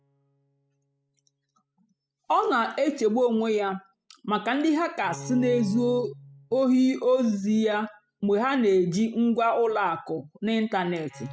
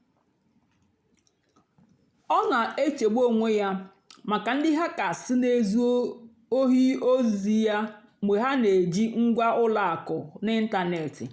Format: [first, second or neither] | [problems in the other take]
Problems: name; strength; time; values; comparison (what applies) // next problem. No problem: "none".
second | noise reduction (classical method spectral subtraction)